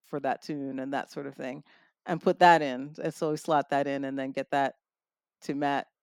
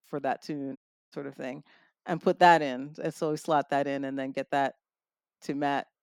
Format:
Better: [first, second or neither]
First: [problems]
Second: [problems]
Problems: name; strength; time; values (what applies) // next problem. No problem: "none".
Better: first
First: none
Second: audio cutting out; at 1 s